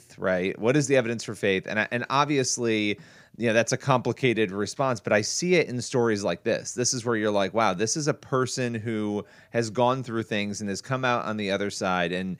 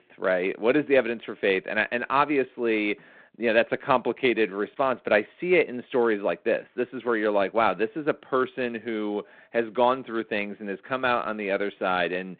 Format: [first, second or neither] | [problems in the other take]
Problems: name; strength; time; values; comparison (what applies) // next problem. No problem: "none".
first | phone-call audio; nothing above 4 kHz